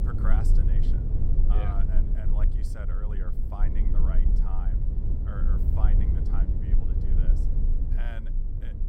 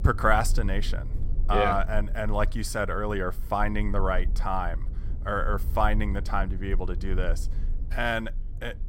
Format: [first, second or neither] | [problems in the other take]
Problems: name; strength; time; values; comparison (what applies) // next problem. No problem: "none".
second | low rumble; loud; throughout; as loud as the speech; faint in the second